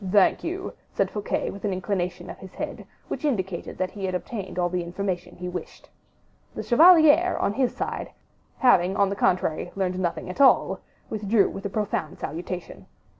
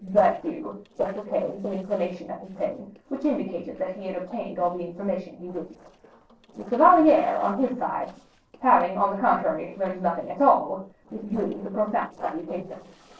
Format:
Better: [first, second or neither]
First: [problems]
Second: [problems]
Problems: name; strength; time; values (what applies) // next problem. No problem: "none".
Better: first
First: none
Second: noise reduction (neural separator model SepFormer DNS4)